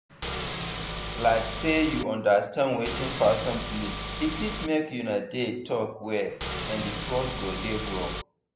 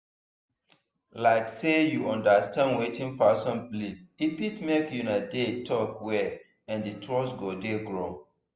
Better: second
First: background sound (Engine / Car); 5 dB below the speech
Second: none

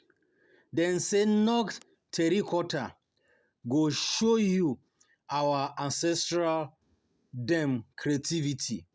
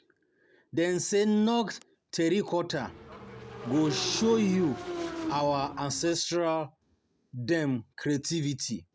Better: first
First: none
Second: background sound (Motorcycle / Engine); 9 dB below the speech

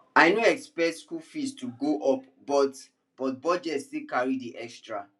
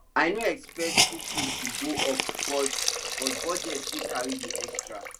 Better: first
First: none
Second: background sound (Hiss); 1 dB above the speech

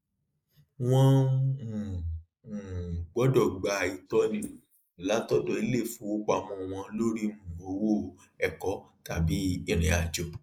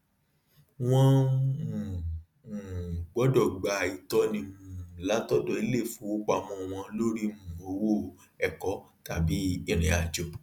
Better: second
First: noise reduction (neural mask model Resemble Enhance denoiser)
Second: none

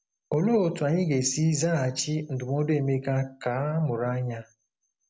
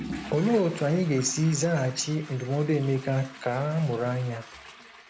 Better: first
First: none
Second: background sound (Toilet flush / Water); 16 dB below the speech

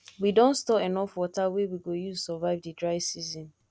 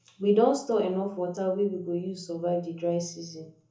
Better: first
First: none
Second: room echo; dies away in 0.6 s

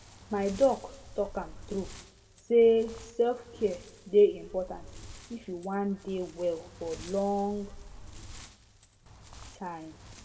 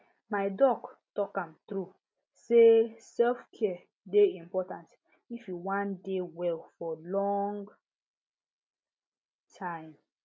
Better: second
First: background sound (Wind); 17 dB below the speech // room echo; dies away in 1.1 s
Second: none

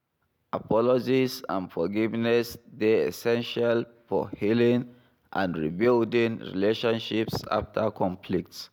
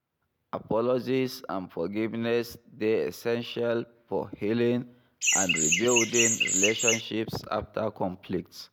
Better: first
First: none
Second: background sound (Chirp, tweet); 4 dB above the speech

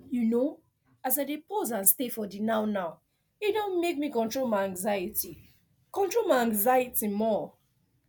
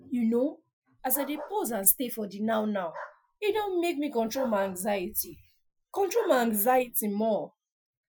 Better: first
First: none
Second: noise reduction (classical method Wiener filter)

